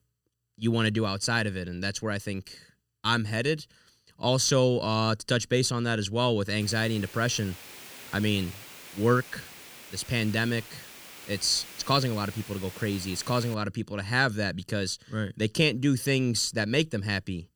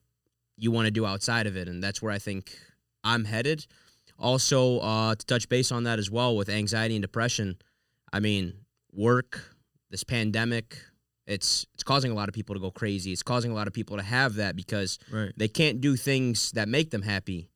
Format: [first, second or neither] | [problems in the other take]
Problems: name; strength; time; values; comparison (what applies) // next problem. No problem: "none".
second | hiss; noticeable; from 6.5 to 14 s; 15 dB below the speech